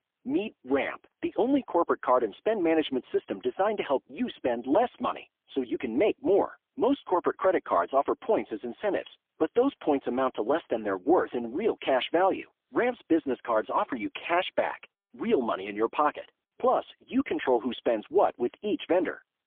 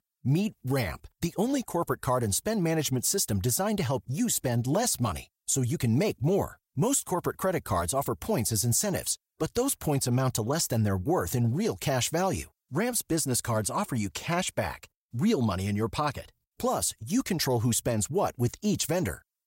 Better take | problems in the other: second | phone-call audio; poor line; nothing above 3.5 kHz

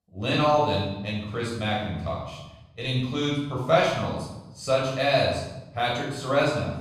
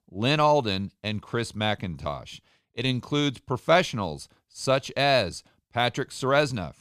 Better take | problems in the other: second | off-mic speech; far // room echo; noticeable; dies away in 0.8 s

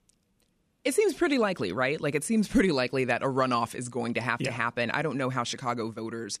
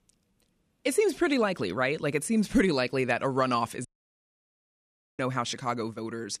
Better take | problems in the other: first | audio cutting out; at 4 s for 1.5 s

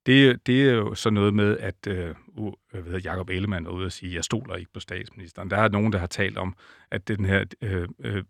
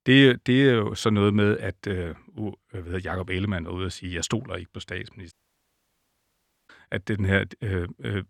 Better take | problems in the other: first | audio cutting out; at 5.5 s for 1.5 s

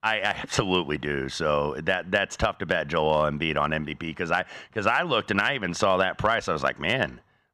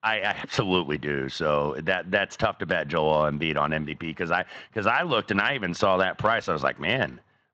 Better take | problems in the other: first | garbled, watery; slightly

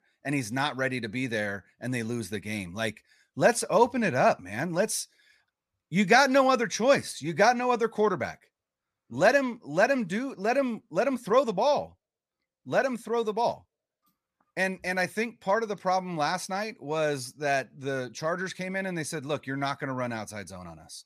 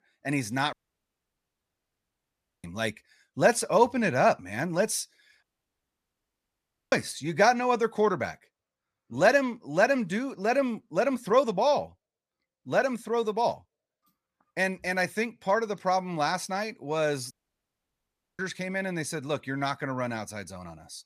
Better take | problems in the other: first | audio cutting out; at 0.5 s for 2 s, at 5.5 s for 1.5 s and at 17 s for 1 s

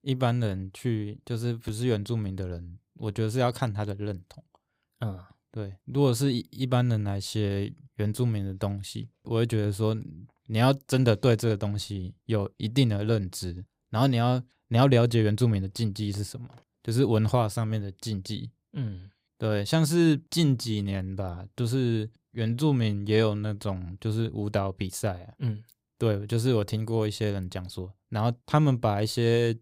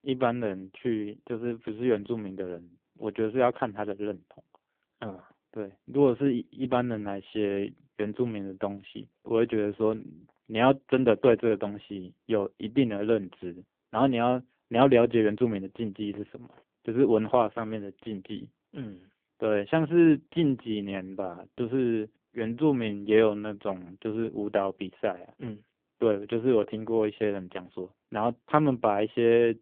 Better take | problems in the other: first | phone-call audio; poor line; nothing above 3.5 kHz

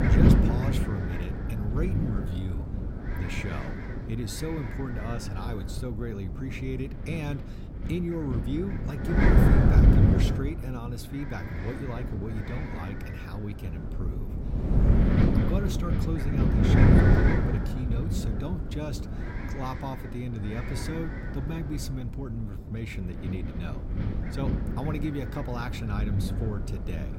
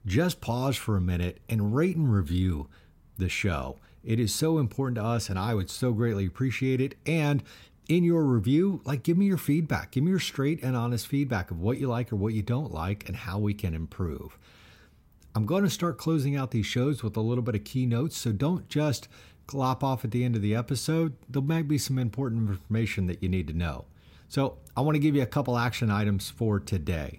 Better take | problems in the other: second | wind noise on the microphone; heavy; 3 dB above the speech

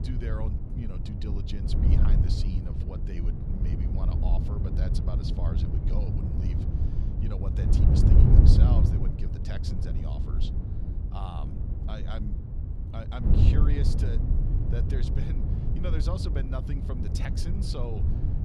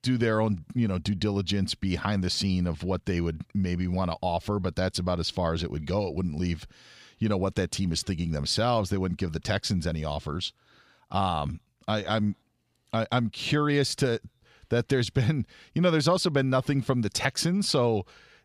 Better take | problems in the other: second | wind noise on the microphone; heavy; 2 dB above the speech

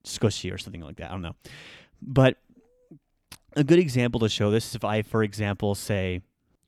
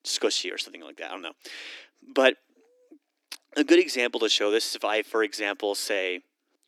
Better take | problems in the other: first | thin; somewhat; fading below 300 Hz

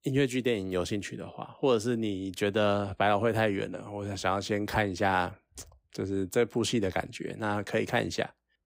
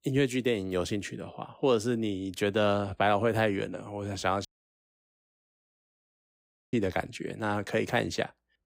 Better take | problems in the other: first | audio cutting out; at 4.5 s for 2.5 s

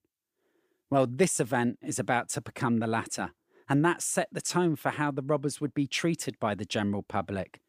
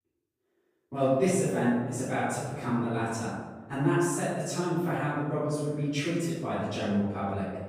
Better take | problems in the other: first | off-mic speech; far // room echo; strong; dies away in 1.3 s

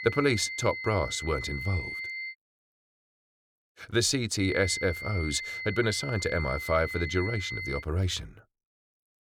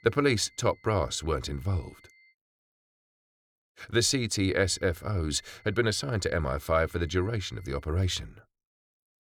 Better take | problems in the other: second | high-pitched whine; loud; until 2.5 s and from 4.5 to 8 s; 2 kHz, 6 dB below the speech; faint in the second

